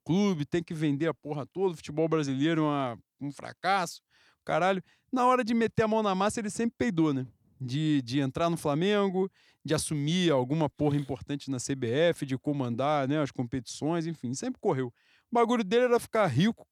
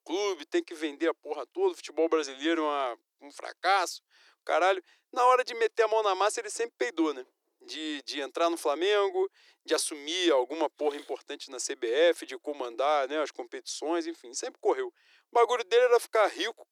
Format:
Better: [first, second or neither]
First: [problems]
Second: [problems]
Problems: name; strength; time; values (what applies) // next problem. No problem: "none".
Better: first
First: none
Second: thin; very; fading below 350 Hz